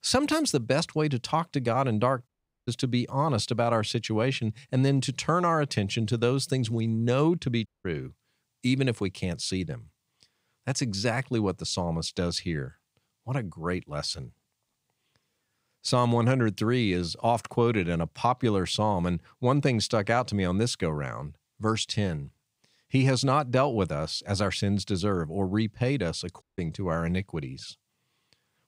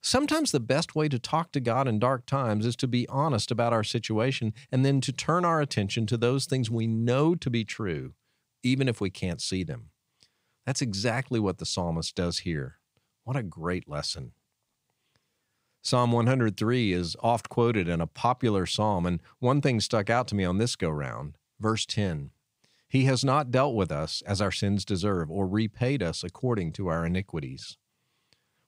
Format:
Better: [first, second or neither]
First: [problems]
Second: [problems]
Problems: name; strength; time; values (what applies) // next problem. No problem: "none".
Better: second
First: audio cutting out; at 2.5 s, at 7.5 s and at 26 s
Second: none